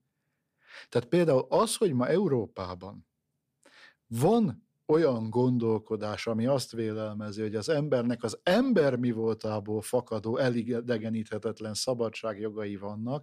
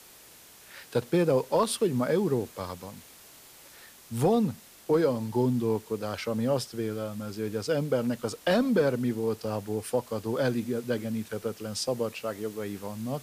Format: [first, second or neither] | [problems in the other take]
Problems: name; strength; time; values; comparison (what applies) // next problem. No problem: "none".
first | hiss; faint; throughout; 20 dB below the speech